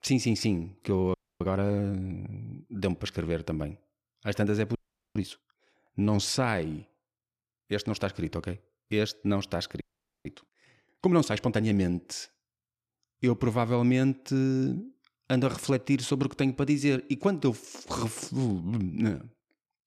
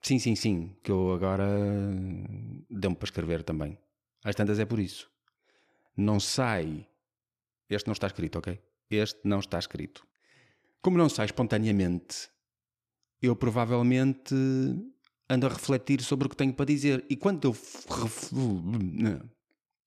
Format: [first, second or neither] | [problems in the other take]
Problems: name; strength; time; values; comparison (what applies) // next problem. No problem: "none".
second | audio freezing; at 1 s, at 5 s and at 10 s